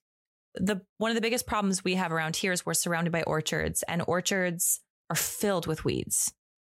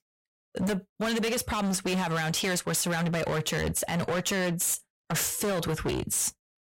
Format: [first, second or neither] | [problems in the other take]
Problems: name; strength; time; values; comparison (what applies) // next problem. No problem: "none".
first | distortion; heavy; 25% of the sound clipped